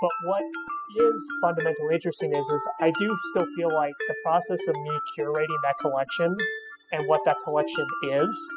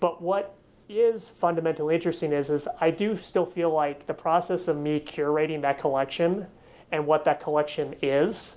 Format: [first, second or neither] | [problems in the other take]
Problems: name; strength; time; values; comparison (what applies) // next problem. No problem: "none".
second | noise reduction (classical method spectral subtraction)